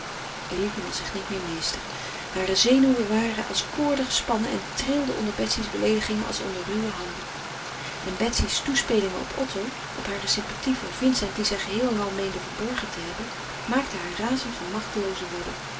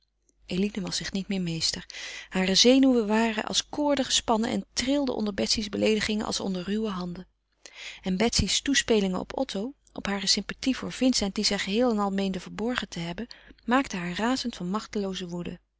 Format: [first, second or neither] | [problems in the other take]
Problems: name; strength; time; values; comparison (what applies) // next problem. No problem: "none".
second | background sound (Stream); 7 dB below the speech // room echo; dies away in 0.2 s